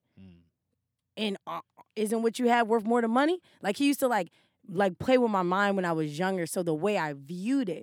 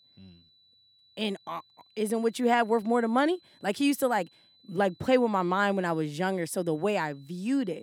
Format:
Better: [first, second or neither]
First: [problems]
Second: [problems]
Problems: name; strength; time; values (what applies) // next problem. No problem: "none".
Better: first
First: none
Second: high-pitched whine; faint; throughout; 4 kHz, 30 dB below the speech